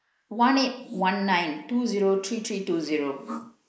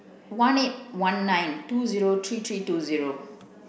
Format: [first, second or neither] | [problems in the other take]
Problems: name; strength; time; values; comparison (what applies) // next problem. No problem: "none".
second | noise reduction (neural mask model Resemble Enhance denoiser)